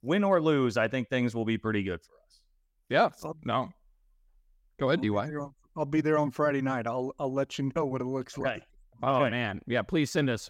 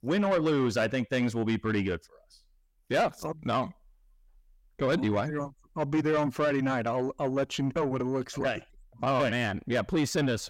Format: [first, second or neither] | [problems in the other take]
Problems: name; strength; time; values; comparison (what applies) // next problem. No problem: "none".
first | distortion; slight; 10 dB below the speech